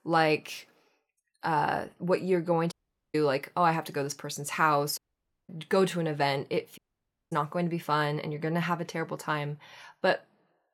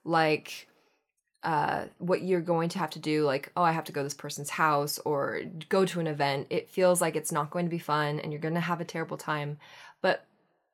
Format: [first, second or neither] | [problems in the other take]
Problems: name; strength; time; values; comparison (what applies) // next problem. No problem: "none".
second | audio cutting out; at 2.5 s, at 5 s for 0.5 s and at 7 s for 0.5 s